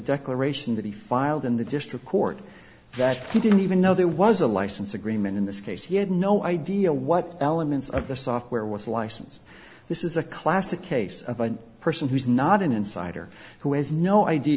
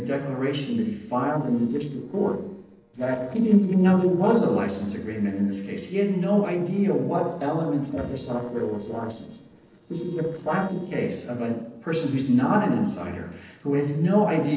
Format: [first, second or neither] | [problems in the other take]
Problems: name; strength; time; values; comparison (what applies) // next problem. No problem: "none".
first | noise reduction (neural separator model SepFormer DNS4)